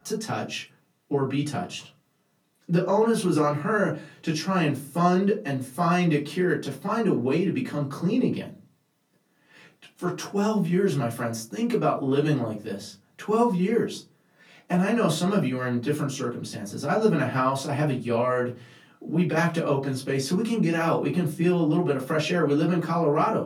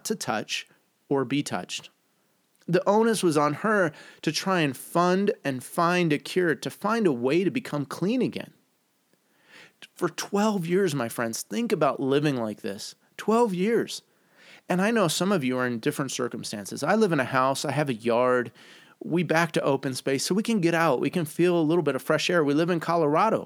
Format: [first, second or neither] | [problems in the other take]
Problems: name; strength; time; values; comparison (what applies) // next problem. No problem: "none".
second | off-mic speech; far // room echo; very slight; dies away in 0.4 s